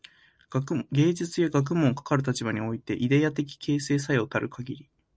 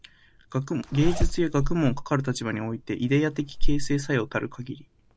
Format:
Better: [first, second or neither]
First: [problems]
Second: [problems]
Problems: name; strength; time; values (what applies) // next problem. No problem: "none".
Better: first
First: none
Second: background sound (Zipper (clothing)); 1 dB below the speech